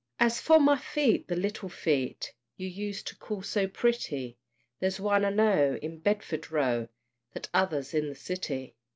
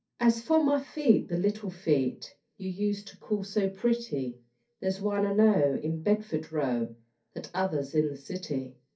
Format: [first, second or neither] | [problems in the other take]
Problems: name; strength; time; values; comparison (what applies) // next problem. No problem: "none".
first | room echo; dies away in 0.3 s